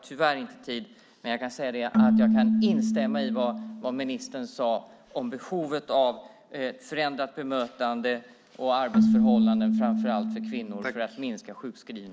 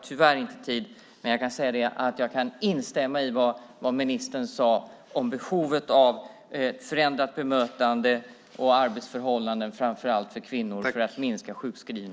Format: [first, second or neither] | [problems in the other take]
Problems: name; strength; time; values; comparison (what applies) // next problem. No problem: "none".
second | background sound (Keyboard (musical)); 2 dB above the speech